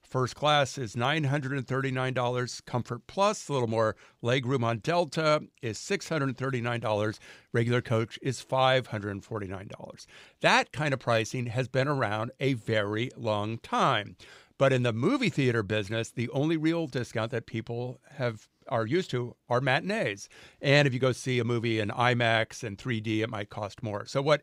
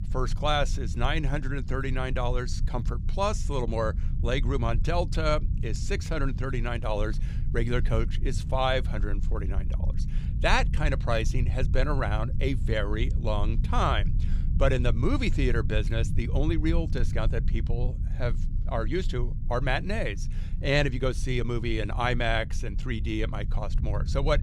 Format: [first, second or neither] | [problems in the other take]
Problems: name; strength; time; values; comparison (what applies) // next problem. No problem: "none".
first | low rumble; noticeable; throughout; 15 dB below the speech